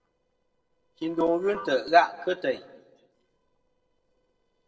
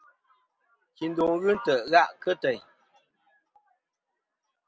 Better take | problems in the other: second | noise reduction (neural separator model SepFormer DNS4)

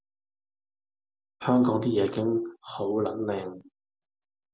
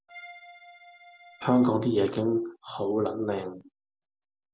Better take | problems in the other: first | background sound (Accordion); 20 dB below the speech

